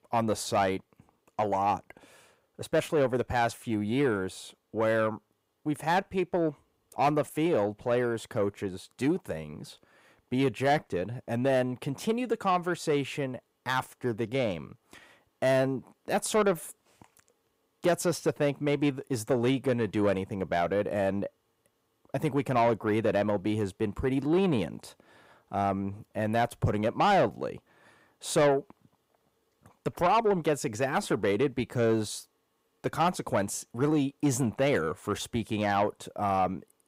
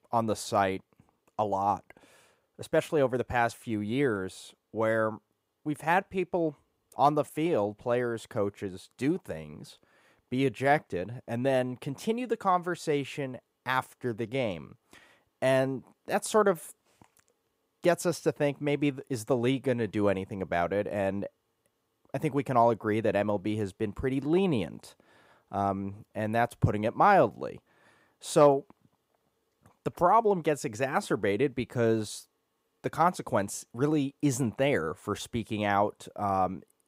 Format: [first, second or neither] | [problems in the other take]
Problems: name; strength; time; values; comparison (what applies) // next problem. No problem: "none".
second | distortion; slight; 10 dB below the speech